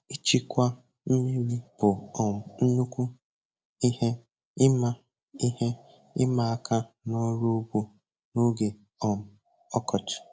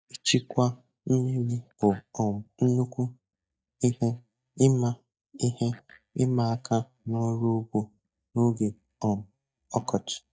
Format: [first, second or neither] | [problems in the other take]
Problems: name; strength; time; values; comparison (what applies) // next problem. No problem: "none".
first | noise reduction (neural mask model DeepFilterNet 3)